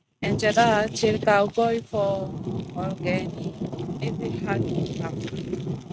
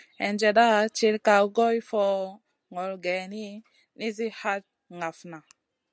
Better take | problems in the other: second | noise reduction (neural mask model RNNoise)

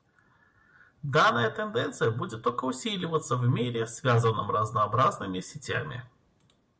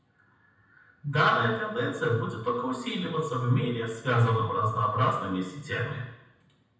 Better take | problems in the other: first | room echo; dies away in 0.9 s

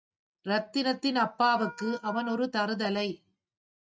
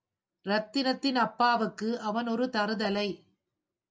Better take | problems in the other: second | noise reduction (neural mask model RNNoise)

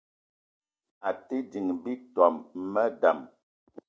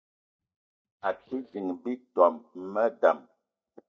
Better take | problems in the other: first | noise reduction (neural mask model DeepFilterNet 3)

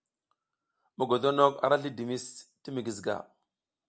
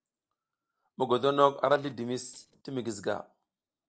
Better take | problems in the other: first | noise reduction (neural separator model SepFormer DNS4)

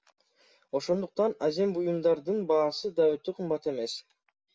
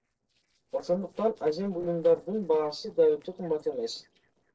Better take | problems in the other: first | noise reduction (neural separator model SepFormer DNS4)

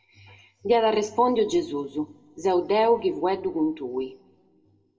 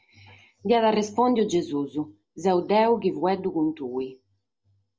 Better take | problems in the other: second | room echo; dies away in 1.2 s

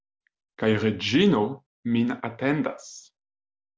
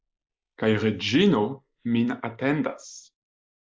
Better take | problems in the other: first | noise reduction (neural mask model Resemble Enhance denoiser)

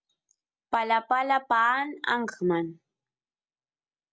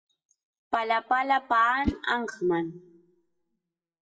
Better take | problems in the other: first | noise reduction (classical method WPE with log-MMSE)

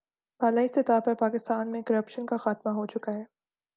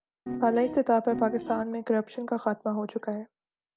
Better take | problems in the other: first | background sound (Piano); 7 dB below the speech

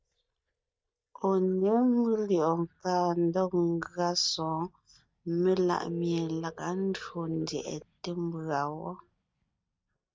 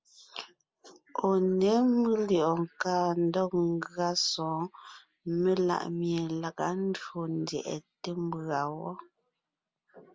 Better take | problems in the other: second | noise reduction (neural mask model DeepFilterNet 3)

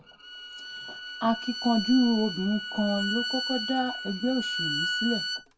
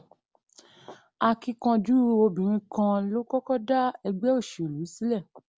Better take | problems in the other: second | background sound (Bowed string instrument); 5 dB below the speech // room echo; dies away in 0.2 s

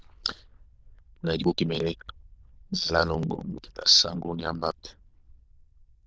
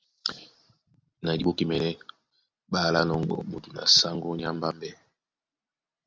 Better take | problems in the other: second | noise reduction (neural diffusion model UNIVERSE++)

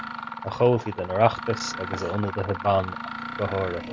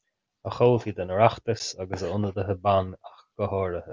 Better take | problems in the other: second | background sound (Mechanisms); 9 dB below the speech

